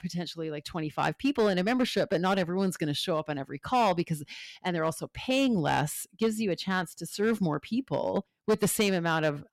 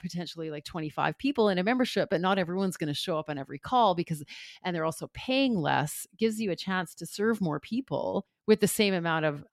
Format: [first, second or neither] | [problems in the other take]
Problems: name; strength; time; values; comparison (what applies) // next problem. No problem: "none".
second | distortion; slight; 4% of the sound clipped